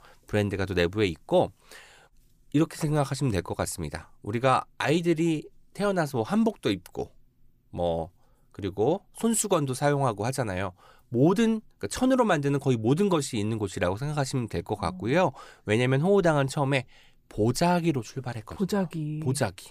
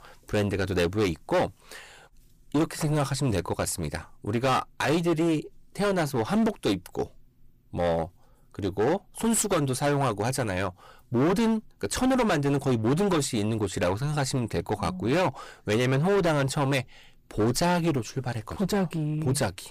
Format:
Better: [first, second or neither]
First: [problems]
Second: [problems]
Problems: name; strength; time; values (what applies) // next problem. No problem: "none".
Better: first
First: none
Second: distortion; heavy; 15% of the sound clipped